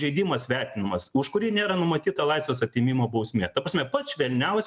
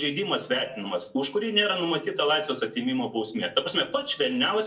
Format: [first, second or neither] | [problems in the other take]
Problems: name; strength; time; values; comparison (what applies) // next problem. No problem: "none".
first | room echo; dies away in 0.2 s